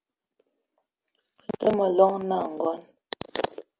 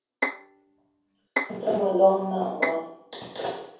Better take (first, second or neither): first